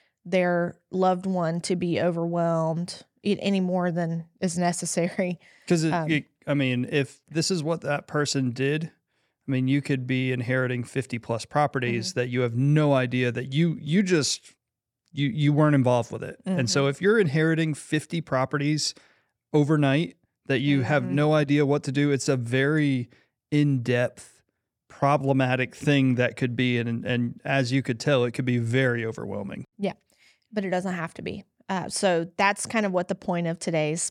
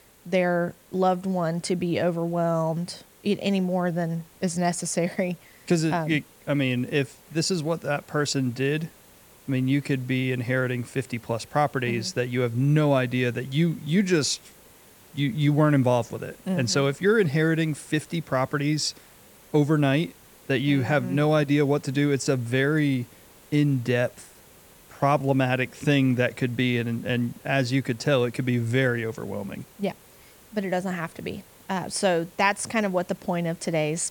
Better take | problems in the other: first | hiss; faint; throughout; 25 dB below the speech

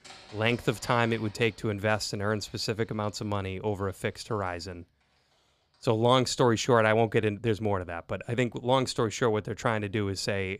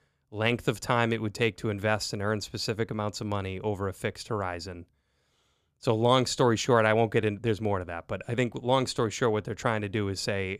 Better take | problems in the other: second | household noises; faint; throughout; 25 dB below the speech

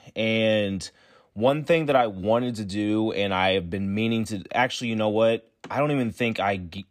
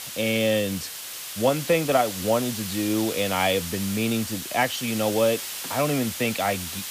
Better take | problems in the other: first | hiss; loud; throughout; 7 dB below the speech

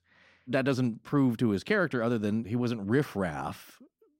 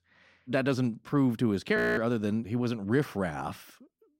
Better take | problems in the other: first | audio freezing; at 2 s

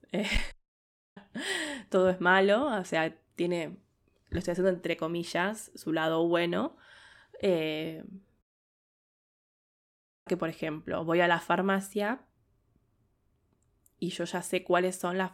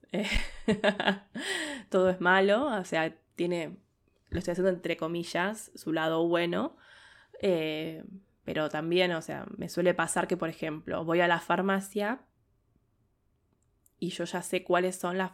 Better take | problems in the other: second | audio cutting out; at 0.5 s for 0.5 s and at 8.5 s for 2 s

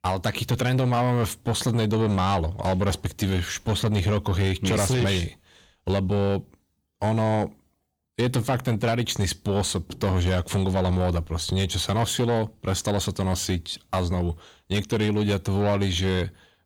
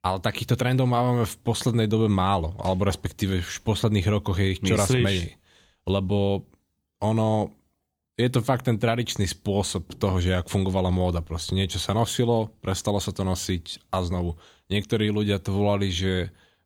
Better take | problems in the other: second | distortion; slight; 10 dB below the speech

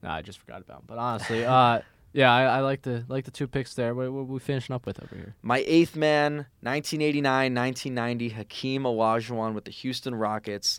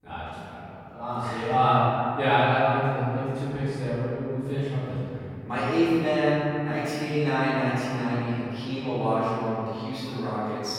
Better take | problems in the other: first | off-mic speech; far // room echo; strong; dies away in 2.8 s

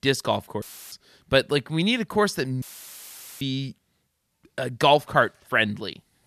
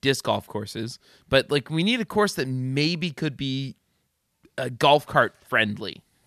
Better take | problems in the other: second | audio cutting out; filled with static; at 0.5 s and at 2.5 s for 1 s

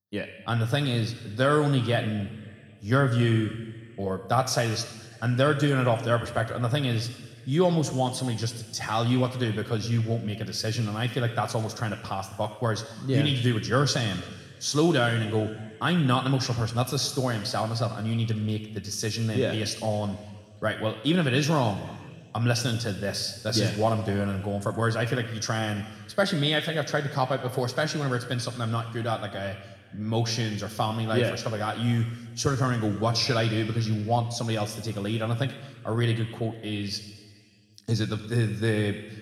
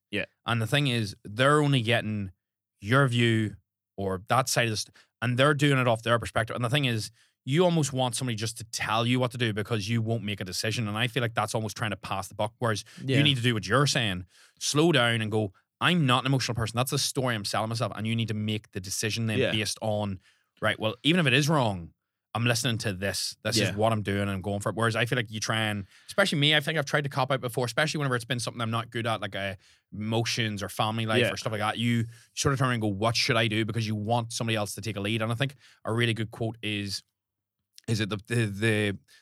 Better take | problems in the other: second | room echo; slight; dies away in 1.6 s

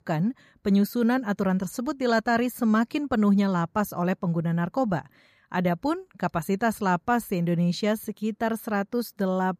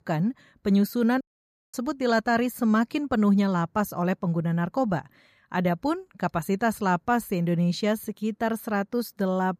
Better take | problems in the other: first | audio cutting out; at 1 s for 0.5 s

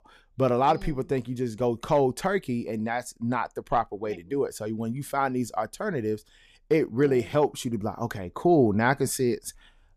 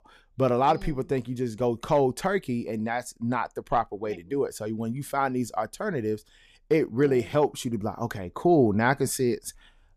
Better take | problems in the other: neither | none

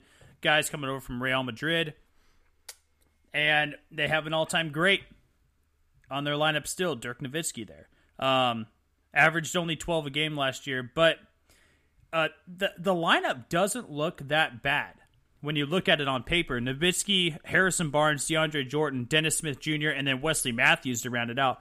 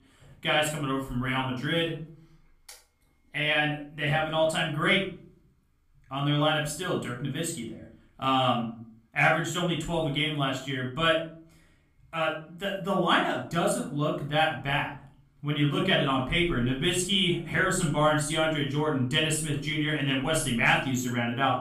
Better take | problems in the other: first | room echo; noticeable; dies away in 0.4 s // off-mic speech; far

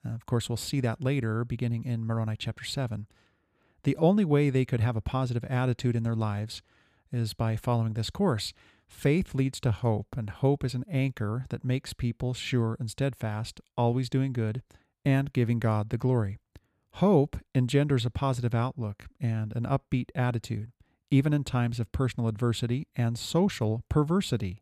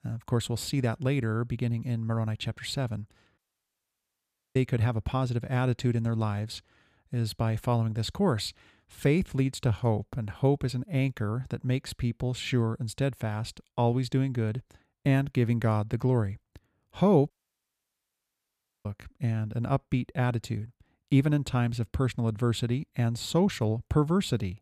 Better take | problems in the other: first | audio cutting out; at 3.5 s for 1 s and at 17 s for 1.5 s

